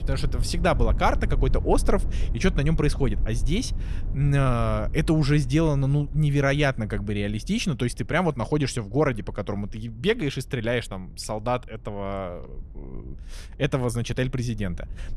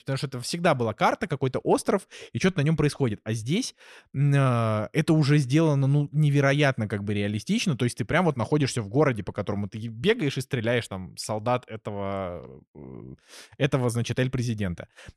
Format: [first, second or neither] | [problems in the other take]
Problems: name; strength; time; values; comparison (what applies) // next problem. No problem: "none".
second | low rumble; faint; throughout; 20 dB below the speech